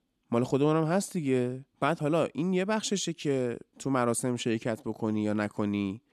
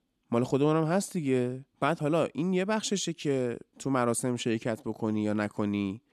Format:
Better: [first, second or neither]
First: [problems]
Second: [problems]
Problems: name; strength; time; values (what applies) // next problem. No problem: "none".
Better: neither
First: none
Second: none